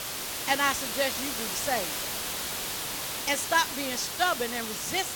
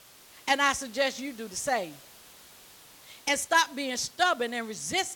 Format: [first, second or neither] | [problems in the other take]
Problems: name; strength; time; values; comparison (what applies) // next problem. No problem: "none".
second | hiss; loud; throughout; 2 dB below the speech; faint in the second